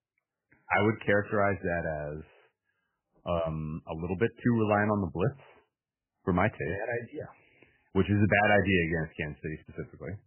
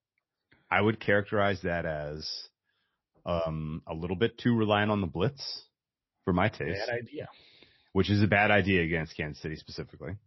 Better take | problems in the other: second | garbled, watery; badly; nothing above 3 kHz; slightly in the second

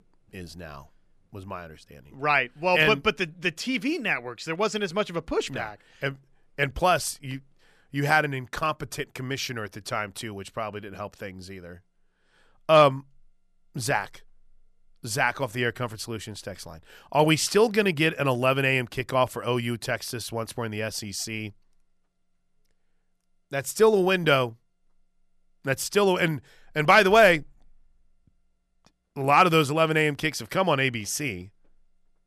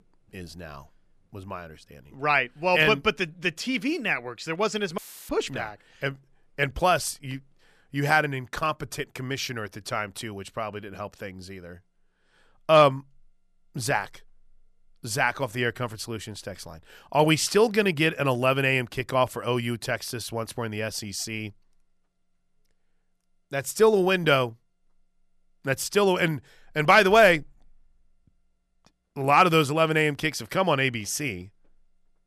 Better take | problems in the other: first | audio cutting out; filled with static; at 5 s

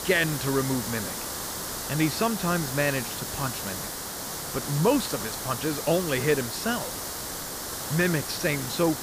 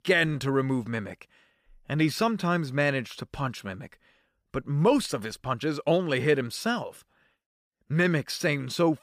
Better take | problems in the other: second | hiss; loud; throughout; 4 dB below the speech

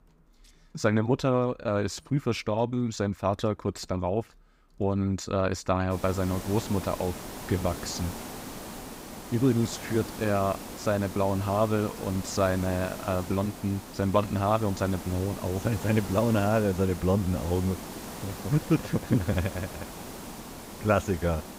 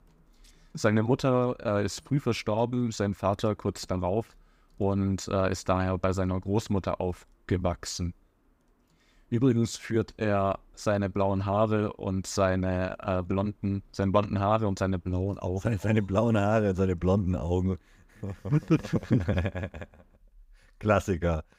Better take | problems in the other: second | hiss; noticeable; from 6 s on; 10 dB below the speech

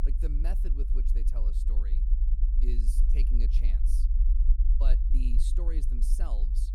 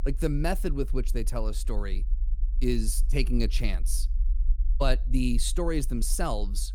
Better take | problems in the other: second | low rumble; loud; throughout; 4 dB below the speech; faint in the second

